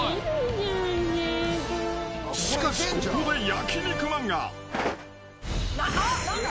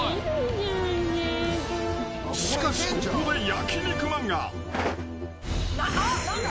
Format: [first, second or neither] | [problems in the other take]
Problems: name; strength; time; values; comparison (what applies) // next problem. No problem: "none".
first | background sound (Musical instrument); 8 dB below the speech